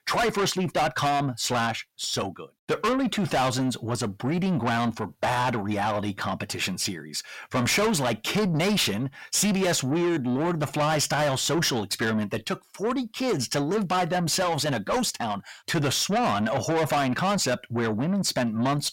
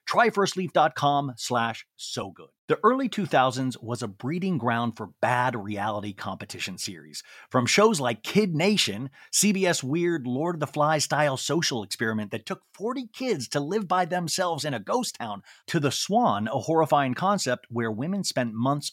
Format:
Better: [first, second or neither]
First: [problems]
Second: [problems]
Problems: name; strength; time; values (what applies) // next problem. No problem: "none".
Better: second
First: distortion; heavy; 6 dB below the speech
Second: none